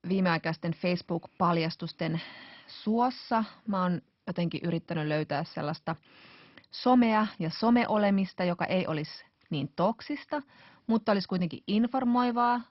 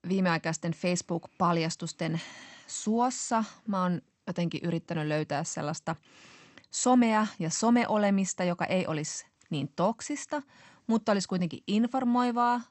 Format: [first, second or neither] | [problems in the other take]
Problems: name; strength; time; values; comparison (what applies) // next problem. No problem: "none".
second | garbled, watery; badly; nothing above 5.5 kHz; slightly in the second